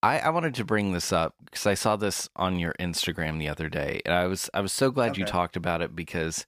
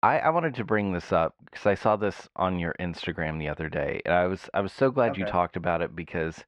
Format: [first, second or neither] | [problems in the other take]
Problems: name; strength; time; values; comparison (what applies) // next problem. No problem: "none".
first | muffled; very; fading above 2 kHz